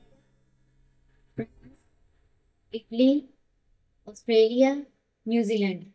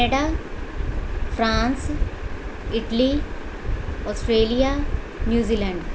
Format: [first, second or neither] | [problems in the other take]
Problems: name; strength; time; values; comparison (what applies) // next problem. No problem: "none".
second | noise reduction (neural mask model DeepFilterNet 3)